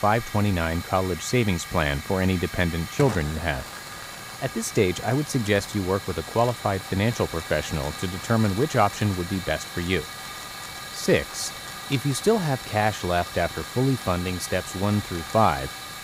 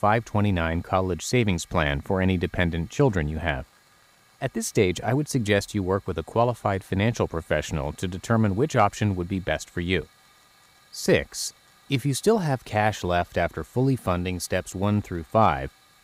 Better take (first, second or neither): second